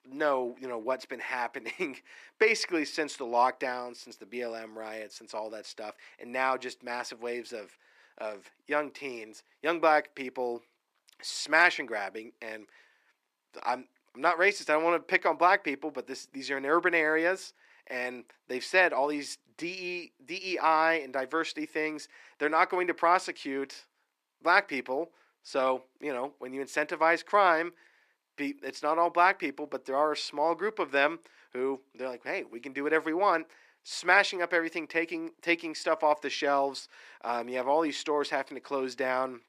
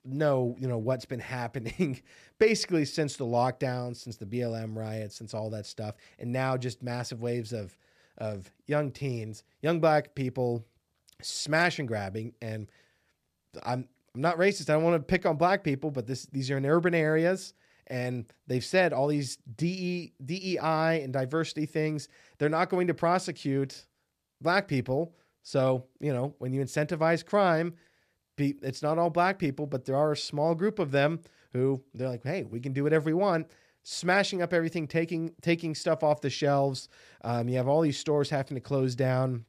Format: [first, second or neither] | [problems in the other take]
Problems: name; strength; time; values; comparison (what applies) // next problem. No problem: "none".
second | thin; somewhat; fading below 300 Hz